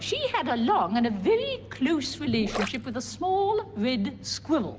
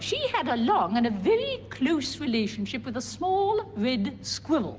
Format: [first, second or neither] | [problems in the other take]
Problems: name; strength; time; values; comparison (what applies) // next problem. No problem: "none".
second | background sound (Gurgling); 8 dB below the speech